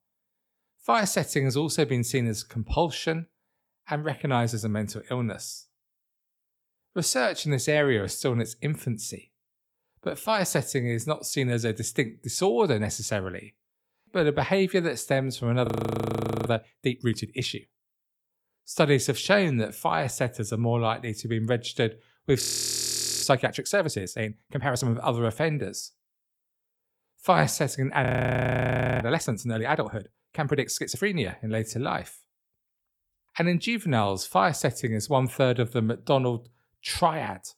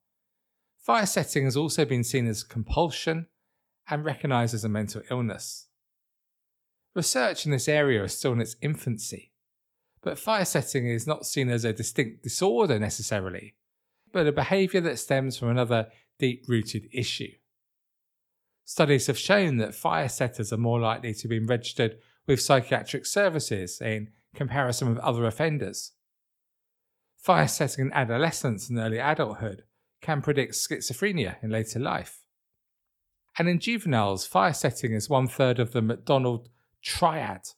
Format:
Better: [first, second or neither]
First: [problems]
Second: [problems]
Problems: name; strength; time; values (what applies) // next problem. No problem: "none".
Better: second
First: audio freezing; at 16 s for 1 s, at 22 s for 1 s and at 28 s for 1 s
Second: none